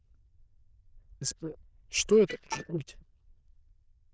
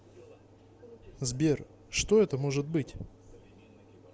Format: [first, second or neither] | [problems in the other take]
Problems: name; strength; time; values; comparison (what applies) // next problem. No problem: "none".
second | noise reduction (neural diffusion model UNIVERSE++)